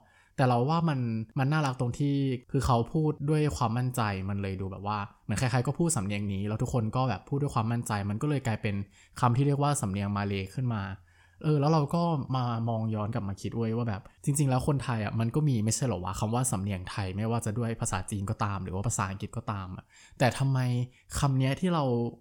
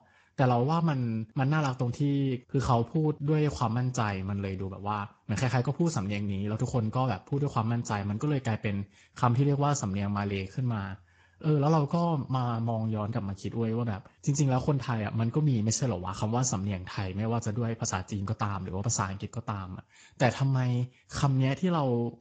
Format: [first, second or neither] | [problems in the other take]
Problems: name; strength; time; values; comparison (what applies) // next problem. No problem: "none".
first | garbled, watery; slightly; nothing above 7.5 kHz